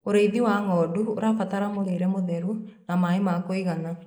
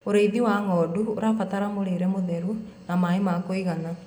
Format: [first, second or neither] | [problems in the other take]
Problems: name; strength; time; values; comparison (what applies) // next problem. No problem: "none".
second | noise reduction (neural mask model Resemble Enhance denoiser)